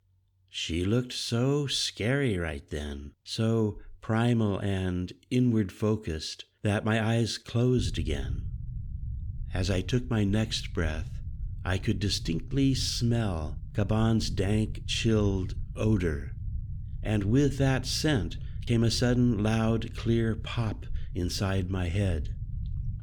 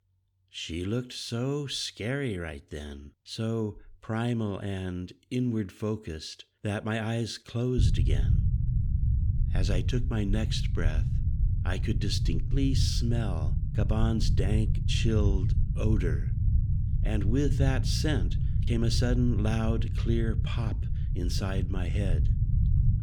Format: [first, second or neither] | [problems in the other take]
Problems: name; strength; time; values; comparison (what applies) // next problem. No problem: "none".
first | low rumble; loud; from 8 s on; 9 dB below the speech; faint in the first